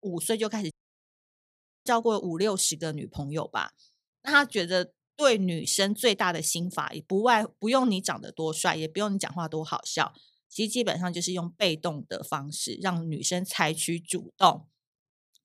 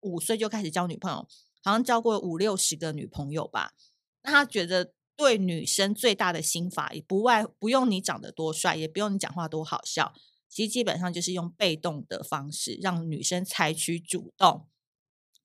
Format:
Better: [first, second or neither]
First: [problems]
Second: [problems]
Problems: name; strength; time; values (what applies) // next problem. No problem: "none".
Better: second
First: audio cutting out; at 0.5 s for 1 s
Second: none